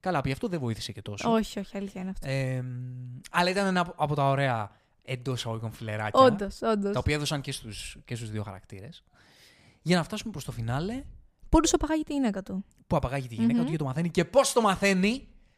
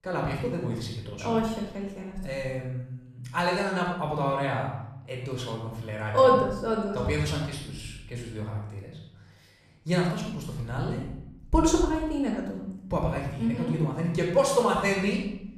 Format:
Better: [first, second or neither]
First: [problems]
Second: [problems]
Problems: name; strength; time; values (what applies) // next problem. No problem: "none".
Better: first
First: none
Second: off-mic speech; somewhat distant // room echo; noticeable; dies away in 0.8 s